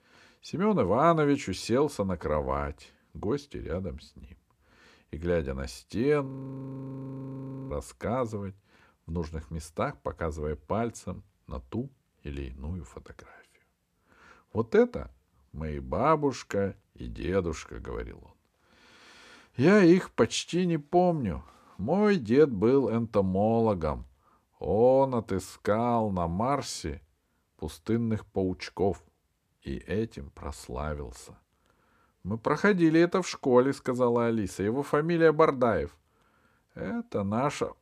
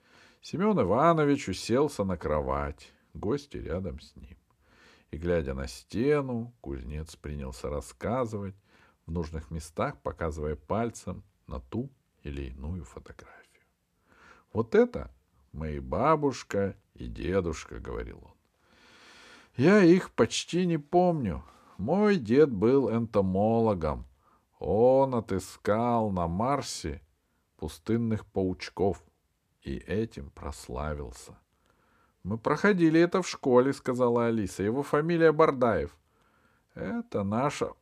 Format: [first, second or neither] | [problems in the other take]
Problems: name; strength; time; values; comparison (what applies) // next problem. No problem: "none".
second | audio freezing; at 6.5 s for 1.5 s